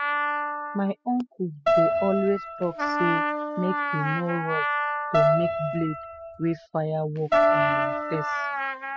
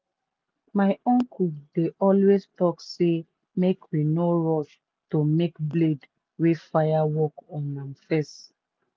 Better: second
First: noise reduction (classical method spectral subtraction)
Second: none

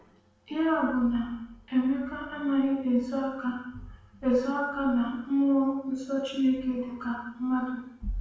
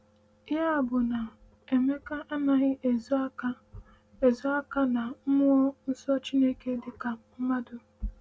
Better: second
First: room echo; dies away in 0.7 s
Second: none

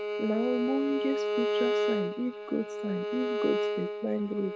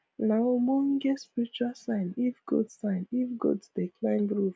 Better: second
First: background sound (Bowed string instrument); 1 dB above the speech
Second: none

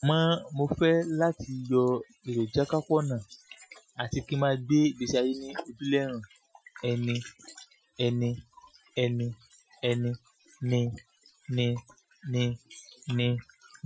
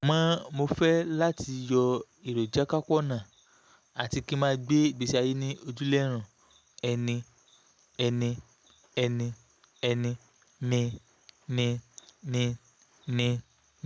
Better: second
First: noise reduction (classical method Wiener filter)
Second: none

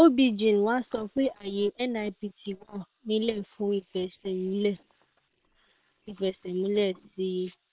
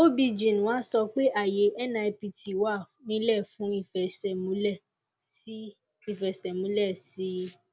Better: second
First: noise reduction (neural separator model SepFormer WHAM!)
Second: none

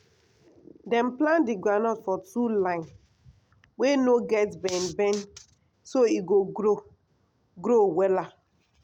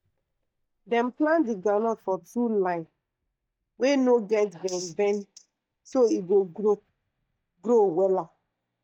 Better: first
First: none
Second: noise reduction (neural mask model DeepFilterNet 3)

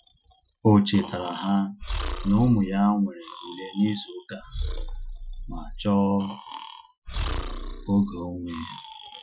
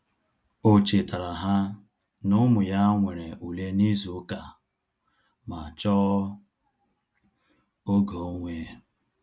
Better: second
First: noise reduction (classical method Wiener filter)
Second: none

